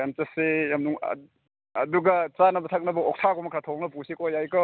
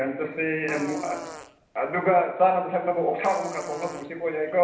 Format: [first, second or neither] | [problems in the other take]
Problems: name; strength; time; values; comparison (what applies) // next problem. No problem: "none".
first | background sound (Fart); 17 dB below the speech // room echo; dies away in 0.8 s